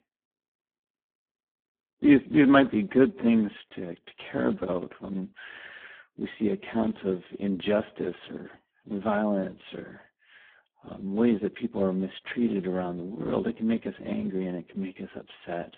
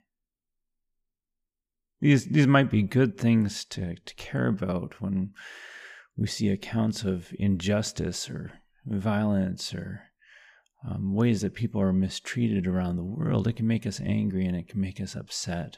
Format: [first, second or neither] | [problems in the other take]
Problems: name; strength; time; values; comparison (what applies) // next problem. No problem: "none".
second | phone-call audio; poor line